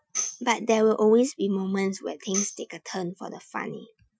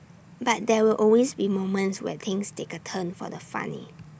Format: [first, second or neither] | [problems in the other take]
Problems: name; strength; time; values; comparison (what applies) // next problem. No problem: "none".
second | noise reduction (classical method Wiener filter)